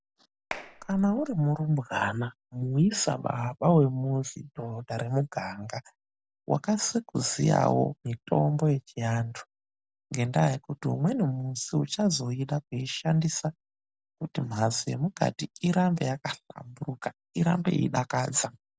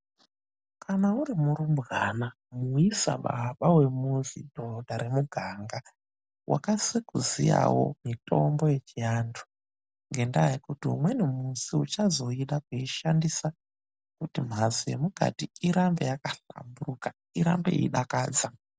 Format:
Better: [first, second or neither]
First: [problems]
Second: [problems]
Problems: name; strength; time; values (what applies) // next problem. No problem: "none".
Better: second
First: background sound (Clapping); 15 dB below the speech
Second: none